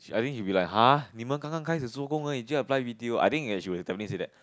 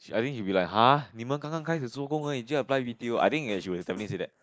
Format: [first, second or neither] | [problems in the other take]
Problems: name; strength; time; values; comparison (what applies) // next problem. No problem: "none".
first | noise reduction (neural mask model Resemble Enhance denoiser)